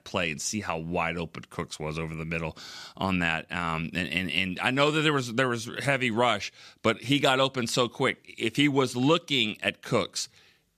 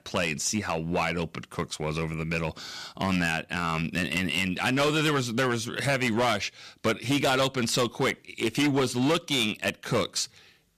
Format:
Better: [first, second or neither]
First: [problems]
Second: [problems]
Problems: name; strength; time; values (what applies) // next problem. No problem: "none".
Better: first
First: none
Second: distortion; heavy; 9% of the sound clipped